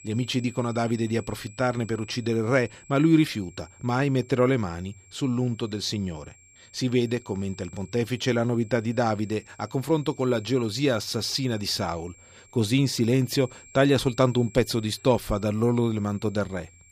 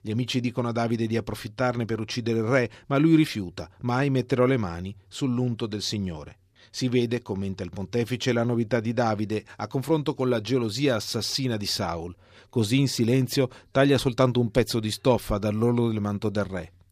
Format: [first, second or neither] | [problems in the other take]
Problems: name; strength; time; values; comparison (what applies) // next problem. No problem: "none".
second | high-pitched whine; faint; throughout; 7.5 kHz, 25 dB below the speech